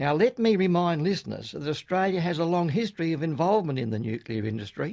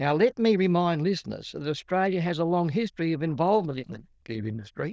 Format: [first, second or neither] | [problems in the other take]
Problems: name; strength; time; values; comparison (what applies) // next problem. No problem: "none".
first | noise reduction (neural diffusion model UNIVERSE++)